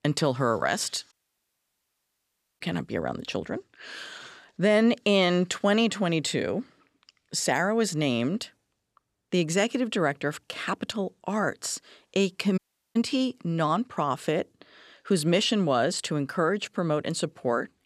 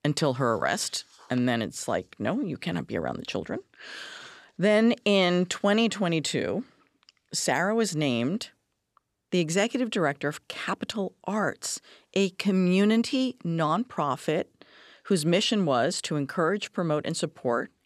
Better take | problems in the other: second | audio cutting out; at 1 s for 1.5 s and at 13 s

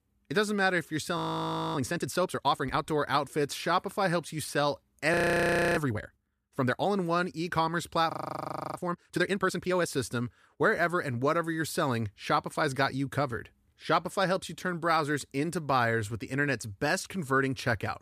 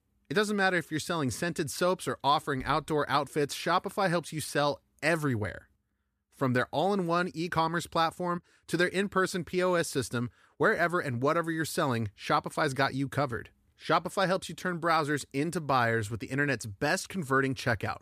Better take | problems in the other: second | audio freezing; at 1 s for 0.5 s, at 5 s for 0.5 s and at 8 s for 0.5 s

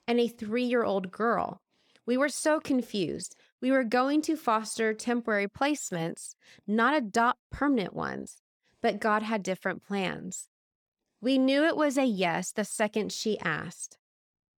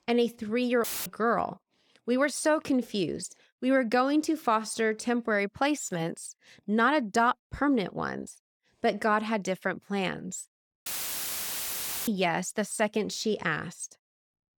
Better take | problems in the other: first | audio cutting out; filled with static; at 1 s and at 11 s for 1 s

